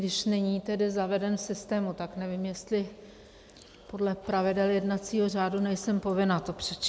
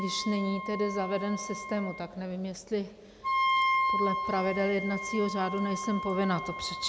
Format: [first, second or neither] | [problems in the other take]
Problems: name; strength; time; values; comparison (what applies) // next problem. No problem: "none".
first | background sound (Wind instrument, woodwind instrument); 2 dB below the speech